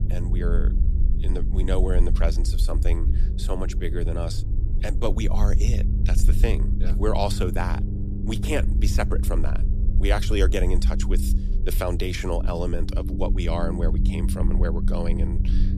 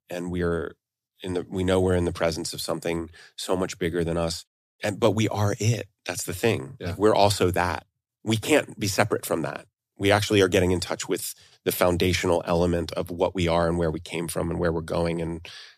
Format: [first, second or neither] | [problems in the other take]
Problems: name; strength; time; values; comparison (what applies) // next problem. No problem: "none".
second | low rumble; loud; throughout; 9 dB below the speech